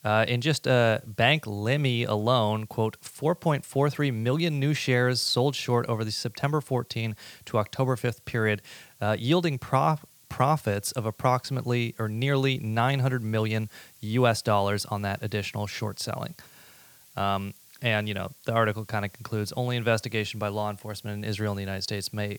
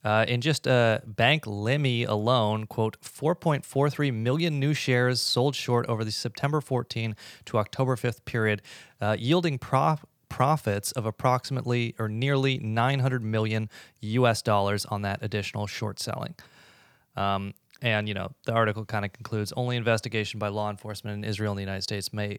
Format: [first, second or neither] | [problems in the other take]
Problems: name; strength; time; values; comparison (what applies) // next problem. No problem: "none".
second | hiss; faint; throughout; 25 dB below the speech